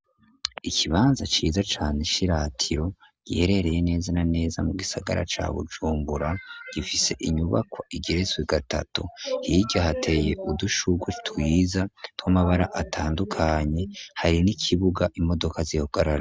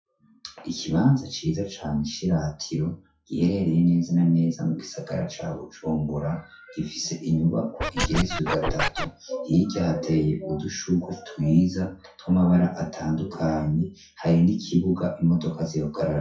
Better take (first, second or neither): first